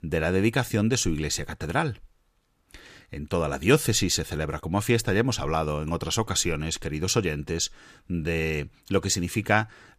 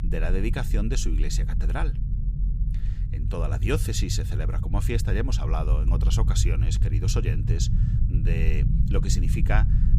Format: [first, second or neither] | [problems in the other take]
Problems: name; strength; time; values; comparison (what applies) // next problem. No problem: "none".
first | low rumble; loud; throughout; 7 dB below the speech